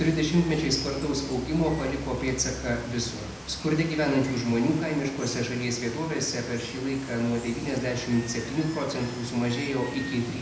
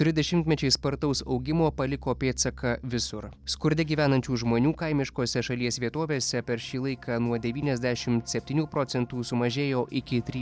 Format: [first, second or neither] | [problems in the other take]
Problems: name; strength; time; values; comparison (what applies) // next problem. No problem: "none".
second | background sound (Water); 13 dB below the speech // room echo; dies away in 0.8 s